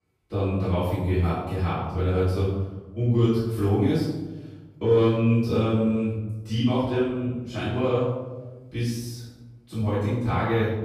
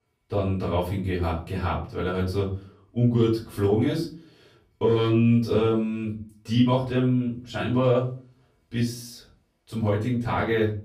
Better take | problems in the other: second | room echo; strong; dies away in 1.1 s; slight in the second // off-mic speech; far; far in the second

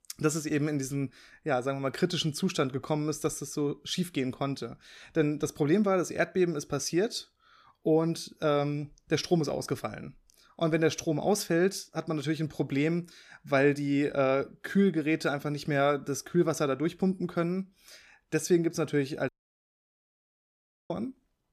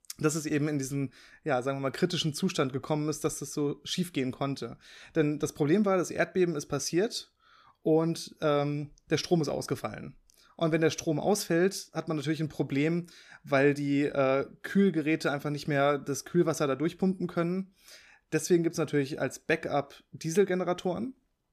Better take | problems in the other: second | audio cutting out; at 19 s for 1.5 s

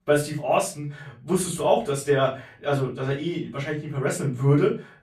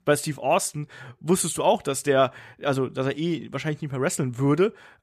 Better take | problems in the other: second | off-mic speech; far // room echo; slight; dies away in 0.3 s

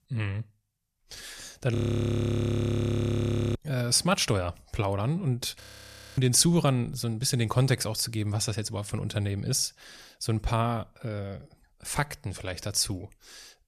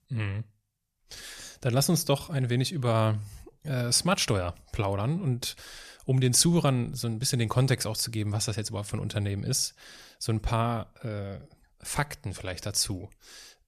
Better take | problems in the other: second | audio freezing; at 2 s for 2 s and at 5.5 s for 0.5 s

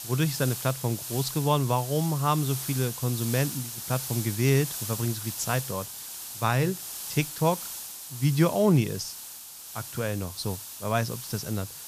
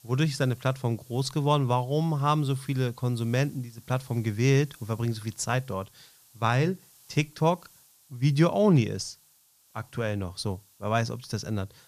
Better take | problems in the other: second | hiss; loud; throughout; 7 dB below the speech; faint in the second

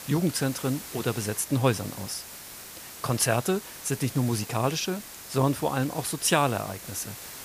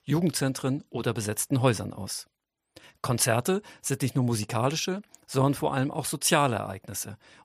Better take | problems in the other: second | hiss; noticeable; throughout; 10 dB below the speech

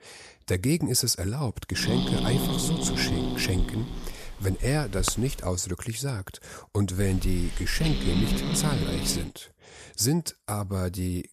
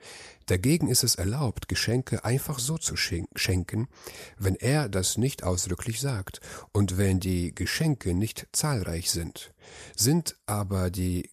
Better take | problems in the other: second | hiss; loud; from 2 to 5.5 s and from 7 to 9 s; 3 dB below the speech

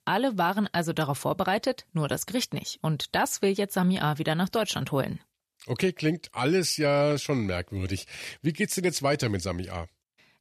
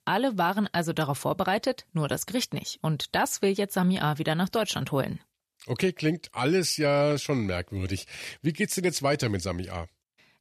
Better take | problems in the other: neither | none

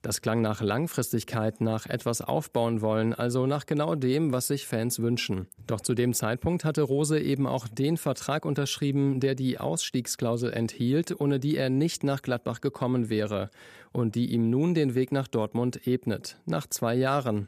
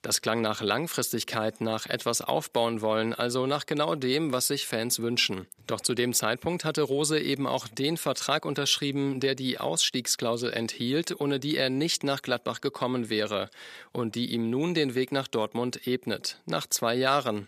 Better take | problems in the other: first | thin; very slightly; fading below 400 Hz

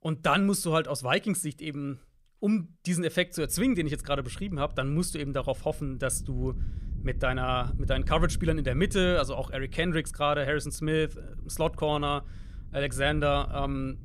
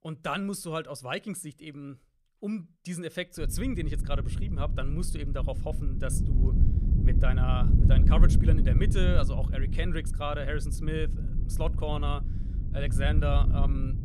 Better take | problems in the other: first | low rumble; loud; from 3.5 s on; 7 dB below the speech; faint in the first

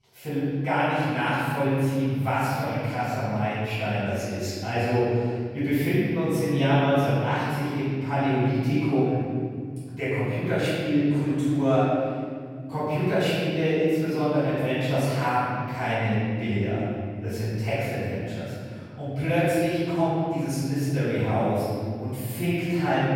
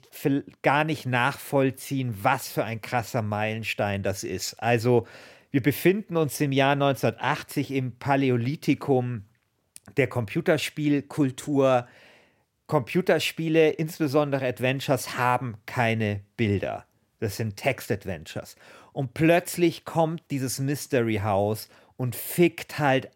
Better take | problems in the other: second | off-mic speech; far // room echo; strong; dies away in 2.5 s

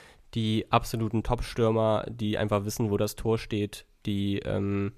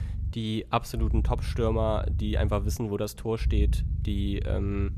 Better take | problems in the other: first | low rumble; noticeable; throughout; 15 dB below the speech

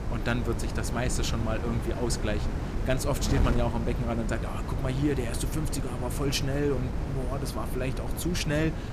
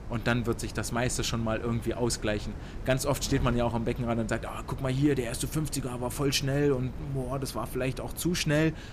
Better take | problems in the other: second | wind noise on the microphone; heavy; 6 dB below the speech; occasional gusts in the second

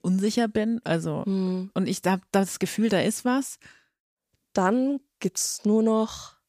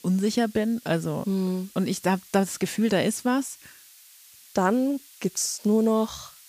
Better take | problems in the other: first | hiss; faint; throughout; 25 dB below the speech

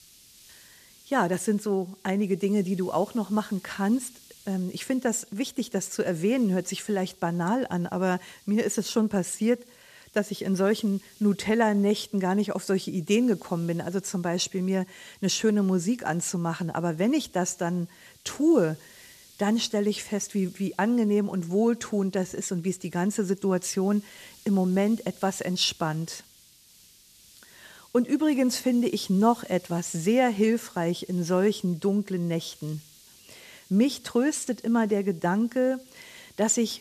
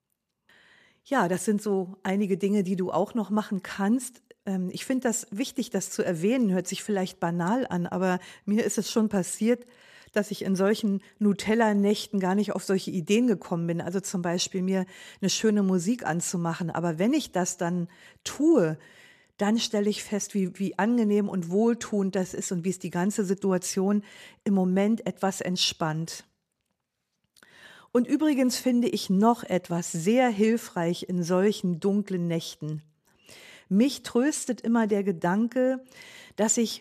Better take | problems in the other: second | hiss; faint; throughout; 25 dB below the speech

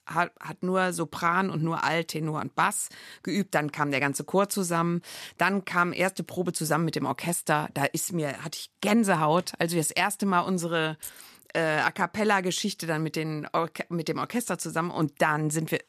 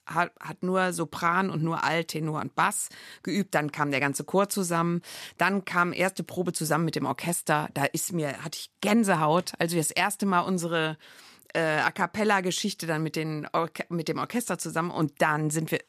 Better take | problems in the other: second | jangling keys; faint; at 11 s; peak 15 dB below the speech

